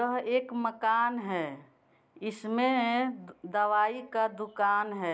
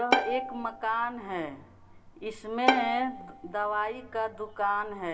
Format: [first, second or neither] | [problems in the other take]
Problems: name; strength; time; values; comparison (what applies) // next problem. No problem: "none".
first | background sound (Bowed string instrument); 2 dB below the speech // room echo; dies away in 1.9 s